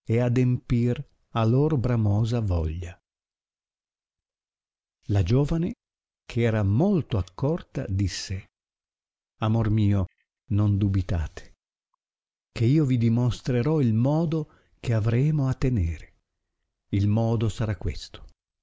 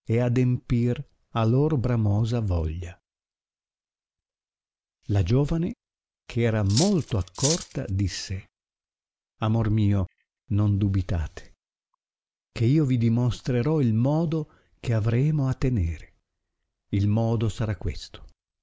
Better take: first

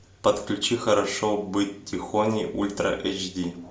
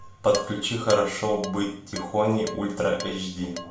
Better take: first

